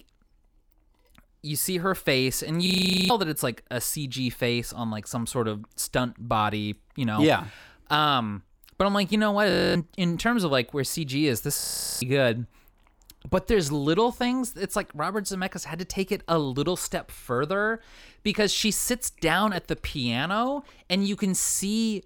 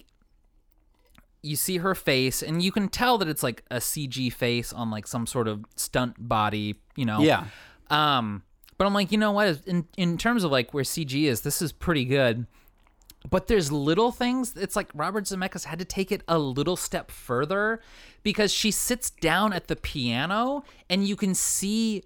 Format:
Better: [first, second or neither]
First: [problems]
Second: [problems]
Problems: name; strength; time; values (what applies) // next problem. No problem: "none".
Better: second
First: audio freezing; at 2.5 s, at 9.5 s and at 12 s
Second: none